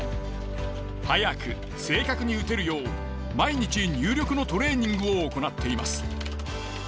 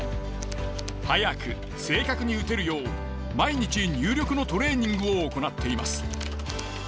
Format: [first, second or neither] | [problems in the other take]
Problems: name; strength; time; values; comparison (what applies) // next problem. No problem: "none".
first | background sound (Tools); 15 dB below the speech